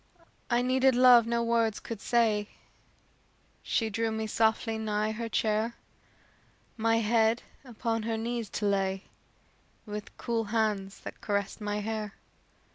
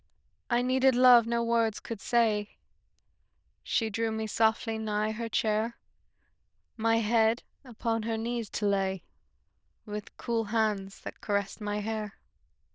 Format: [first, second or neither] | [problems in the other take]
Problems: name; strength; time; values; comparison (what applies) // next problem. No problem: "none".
first | noise reduction (neural diffusion model UNIVERSE++)